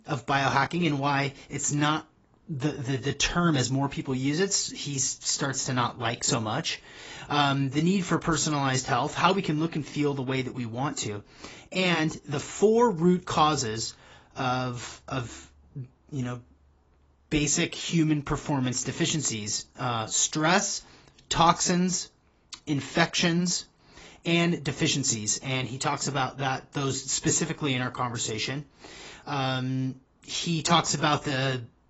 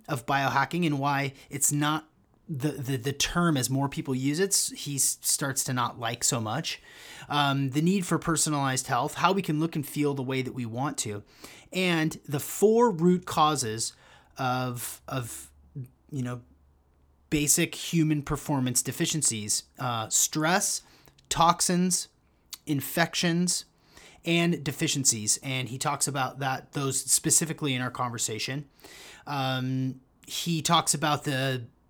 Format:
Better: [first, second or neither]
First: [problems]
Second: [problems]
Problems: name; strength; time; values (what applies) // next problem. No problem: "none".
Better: second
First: garbled, watery; badly; nothing above 7.5 kHz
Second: none